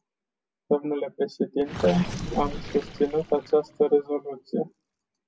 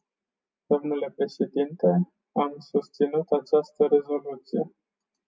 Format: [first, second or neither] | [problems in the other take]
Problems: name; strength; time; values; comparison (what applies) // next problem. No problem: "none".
second | background sound (Gurgling); 12 dB below the speech